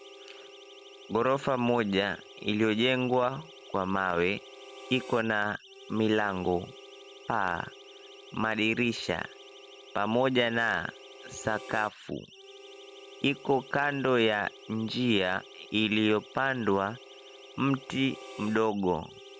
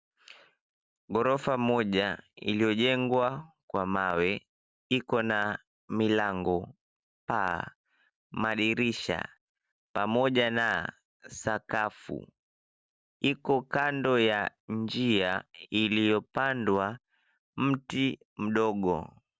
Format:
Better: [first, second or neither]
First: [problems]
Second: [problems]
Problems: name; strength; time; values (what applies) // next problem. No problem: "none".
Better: second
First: background sound (Siren + Harmonica); 19 dB below the speech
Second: none